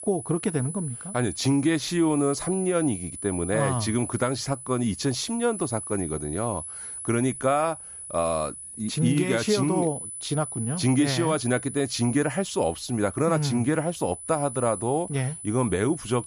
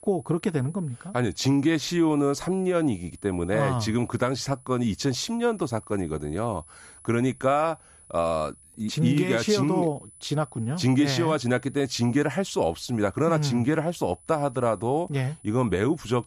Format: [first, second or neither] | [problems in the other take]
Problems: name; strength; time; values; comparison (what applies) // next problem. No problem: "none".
second | high-pitched whine; loud; throughout; 10 kHz, 9 dB below the speech; faint in the second